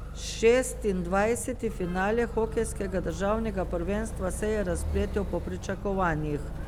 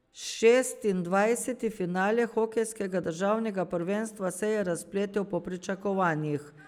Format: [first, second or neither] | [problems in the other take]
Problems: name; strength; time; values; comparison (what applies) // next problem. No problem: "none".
second | background sound (Motor vehicle (road)); 6 dB below the speech